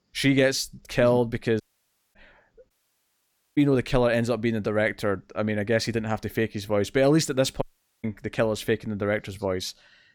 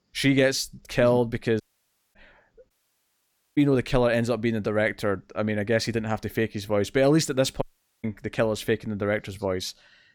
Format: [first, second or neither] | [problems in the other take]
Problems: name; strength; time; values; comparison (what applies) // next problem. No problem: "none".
neither | audio cutting out; at 1.5 s for 0.5 s, at 2.5 s for 1 s and at 7.5 s; the same in both